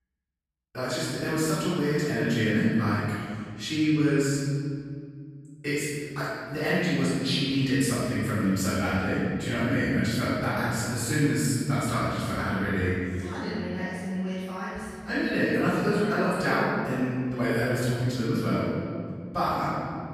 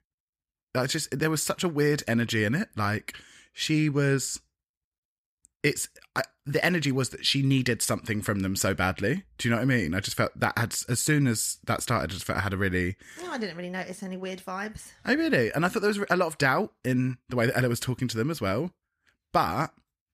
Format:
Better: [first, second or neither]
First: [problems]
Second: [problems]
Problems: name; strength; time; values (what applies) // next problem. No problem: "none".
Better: second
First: room echo; strong; dies away in 2.1 s // off-mic speech; far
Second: none